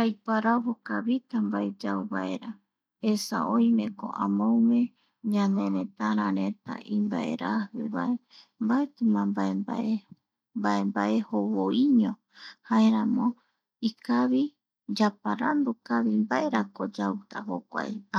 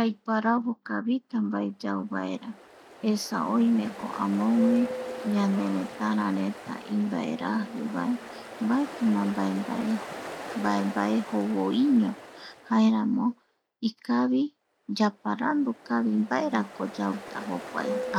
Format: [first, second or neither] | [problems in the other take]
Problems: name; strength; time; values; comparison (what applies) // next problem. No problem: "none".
first | background sound (Ocean); 13 dB below the speech